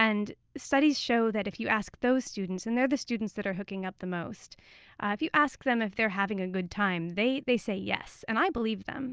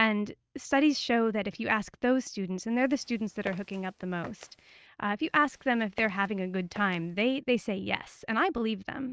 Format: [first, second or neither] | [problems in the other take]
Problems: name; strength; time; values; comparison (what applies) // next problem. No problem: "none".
first | noise reduction (neural mask model RNNoise)